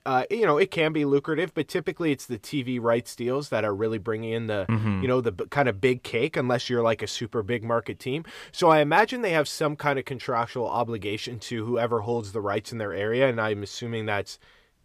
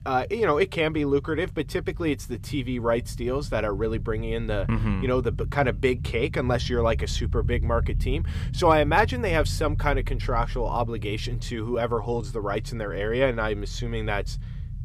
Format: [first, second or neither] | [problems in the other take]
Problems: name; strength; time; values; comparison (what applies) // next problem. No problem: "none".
first | low rumble; faint; throughout; 20 dB below the speech